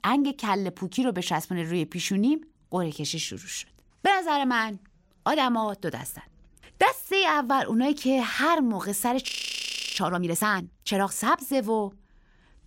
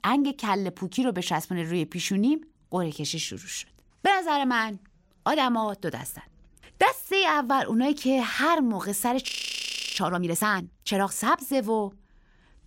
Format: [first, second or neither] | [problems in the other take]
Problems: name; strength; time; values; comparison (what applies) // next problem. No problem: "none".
neither | audio freezing; at 9.5 s for 0.5 s; the same in both